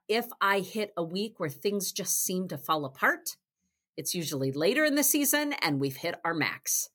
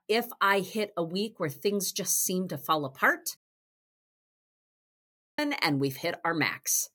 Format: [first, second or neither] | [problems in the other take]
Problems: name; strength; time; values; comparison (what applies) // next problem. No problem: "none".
first | audio cutting out; at 3.5 s for 2 s